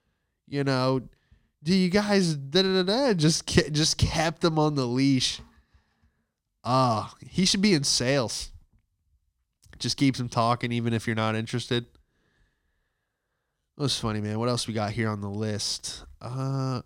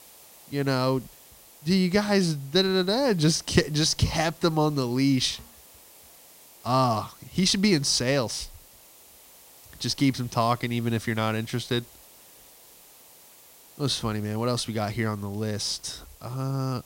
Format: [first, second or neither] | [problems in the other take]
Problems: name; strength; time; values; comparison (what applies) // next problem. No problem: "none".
first | hiss; faint; throughout; 25 dB below the speech